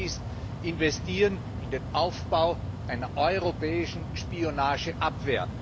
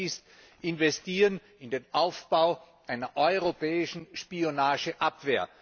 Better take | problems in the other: second | background sound (Mechanical fan); 6 dB below the speech

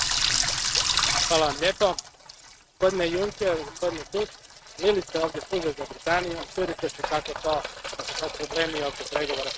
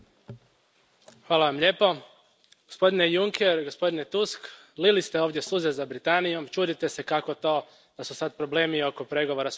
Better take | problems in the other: second | noise reduction (neural mask model RNNoise)

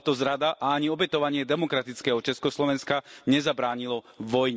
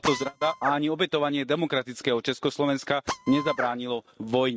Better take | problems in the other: first | noise reduction (neural mask model RNNoise)

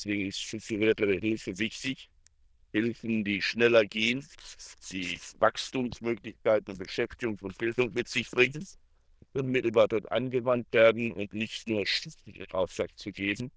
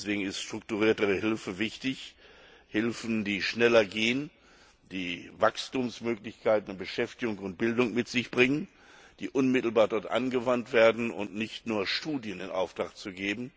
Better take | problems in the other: second | noise reduction (neural diffusion model UNIVERSE++)

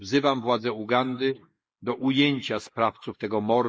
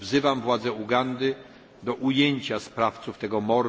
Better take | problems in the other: second | noise reduction (neural mask model Resemble Enhance denoiser)

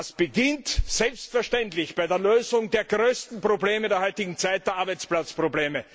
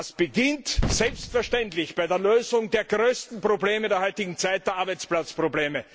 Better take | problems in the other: first | background sound (Gunshot, gunfire); 12 dB below the speech

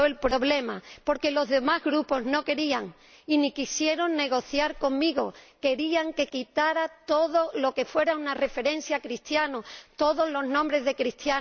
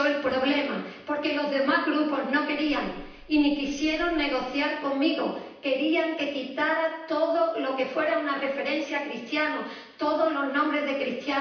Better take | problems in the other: first | background sound (Meow); 19 dB below the speech // room echo; dies away in 0.9 s

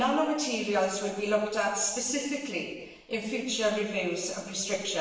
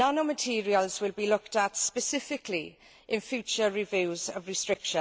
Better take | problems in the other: second | room echo; dies away in 1 s

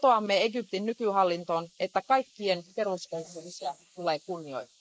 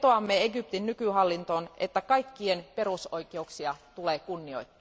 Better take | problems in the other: second | noise reduction (neural mask model Resemble Enhance denoiser)

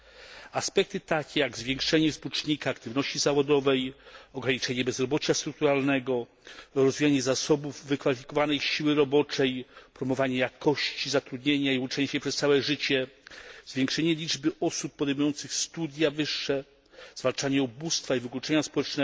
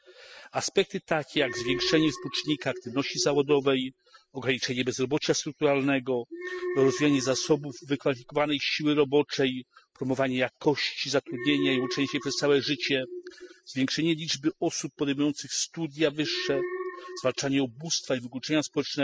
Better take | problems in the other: first | noise reduction (classical method spectral subtraction)

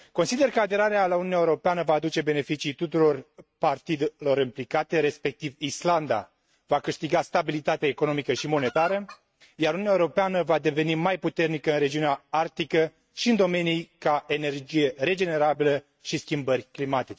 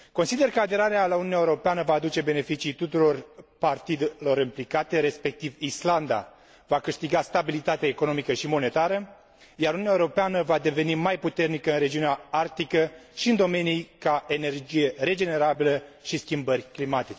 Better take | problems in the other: second | noise reduction (neural mask model RNNoise)

